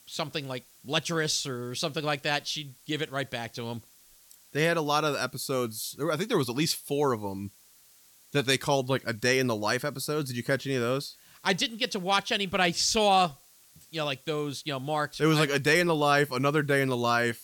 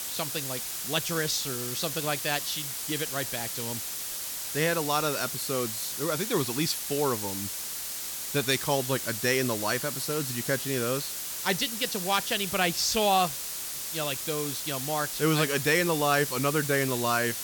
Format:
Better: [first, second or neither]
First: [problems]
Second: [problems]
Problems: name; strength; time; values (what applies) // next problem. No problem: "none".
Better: first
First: hiss; faint; throughout; 25 dB below the speech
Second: hiss; loud; throughout; 3 dB below the speech